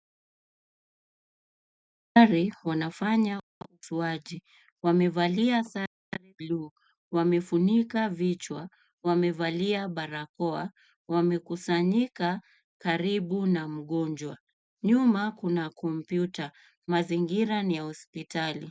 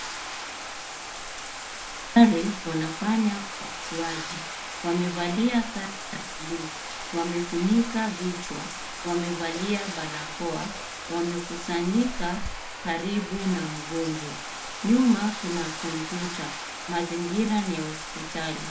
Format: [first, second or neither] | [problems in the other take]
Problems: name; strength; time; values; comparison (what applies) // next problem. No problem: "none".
first | background sound (Bathtub (filling or washing)); 8 dB below the speech // room echo; dies away in 0.4 s